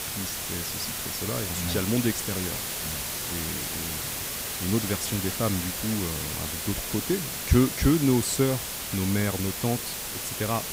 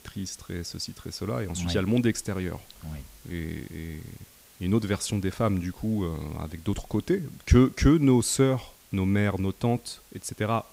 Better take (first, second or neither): second